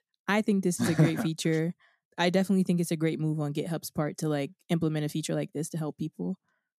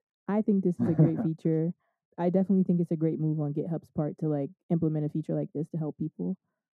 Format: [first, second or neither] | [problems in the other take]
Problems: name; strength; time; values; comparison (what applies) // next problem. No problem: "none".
first | muffled; very; fading above 1.5 kHz